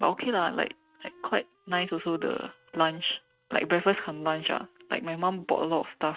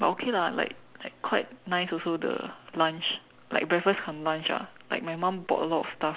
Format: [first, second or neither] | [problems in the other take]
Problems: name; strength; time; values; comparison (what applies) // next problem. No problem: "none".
second | noise reduction (neural mask model RNNoise)